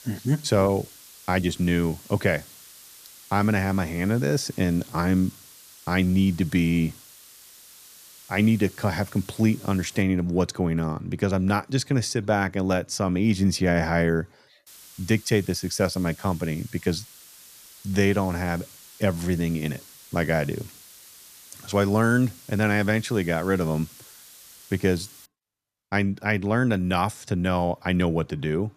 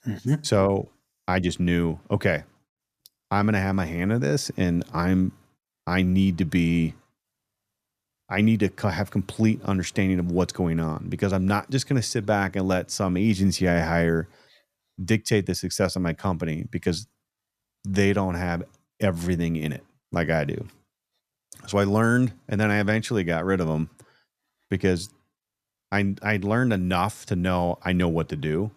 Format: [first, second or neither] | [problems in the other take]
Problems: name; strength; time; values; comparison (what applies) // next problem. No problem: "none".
second | hiss; faint; until 10 s and from 15 to 25 s; 20 dB below the speech